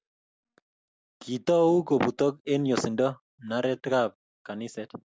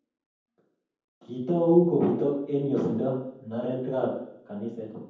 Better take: first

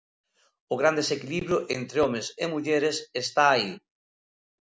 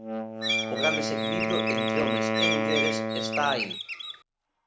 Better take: first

